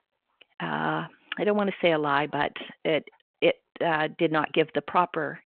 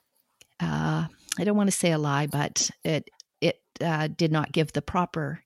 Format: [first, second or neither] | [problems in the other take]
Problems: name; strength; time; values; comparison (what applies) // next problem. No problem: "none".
second | phone-call audio